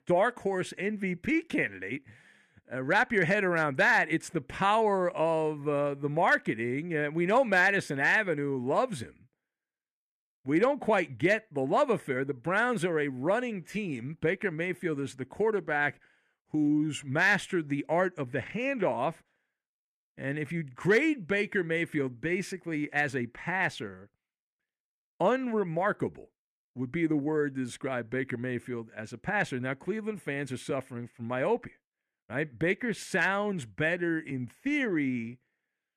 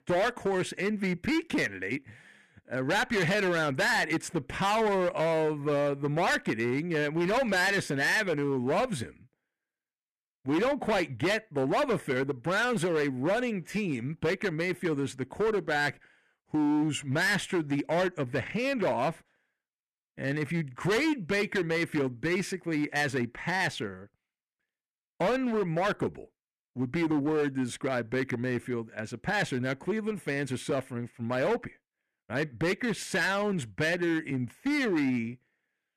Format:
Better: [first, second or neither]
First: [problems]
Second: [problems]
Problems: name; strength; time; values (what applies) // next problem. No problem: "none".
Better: first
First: none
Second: distortion; heavy; 13% of the sound clipped